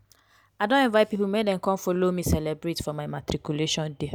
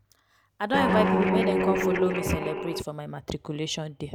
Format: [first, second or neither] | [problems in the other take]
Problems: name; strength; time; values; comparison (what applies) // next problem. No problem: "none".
first | background sound (Guitar); 5 dB above the speech